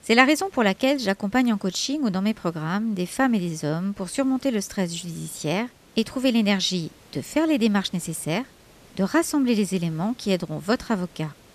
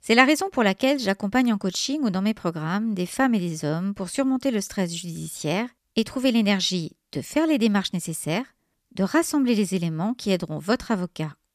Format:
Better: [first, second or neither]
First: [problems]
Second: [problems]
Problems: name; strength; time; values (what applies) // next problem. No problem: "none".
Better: second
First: hiss; faint; throughout; 30 dB below the speech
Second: none